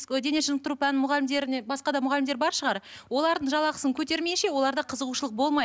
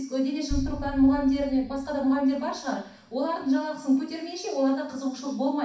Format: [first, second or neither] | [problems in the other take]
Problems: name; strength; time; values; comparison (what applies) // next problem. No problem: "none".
first | background sound (Boom); 11 dB below the speech // room echo; dies away in 0.6 s